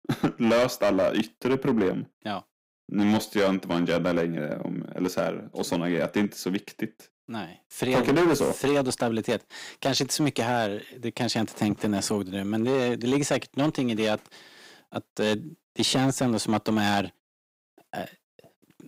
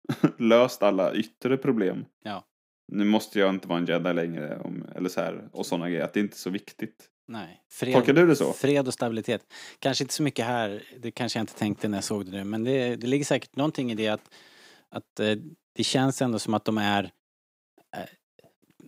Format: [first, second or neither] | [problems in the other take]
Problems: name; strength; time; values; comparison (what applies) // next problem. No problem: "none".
second | distortion; heavy; 6% of the sound clipped